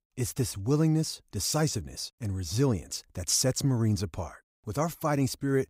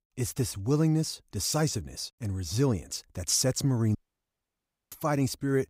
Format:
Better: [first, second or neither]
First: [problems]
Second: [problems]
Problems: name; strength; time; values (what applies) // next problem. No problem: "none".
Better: first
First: none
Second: audio cutting out; at 4 s for 1 s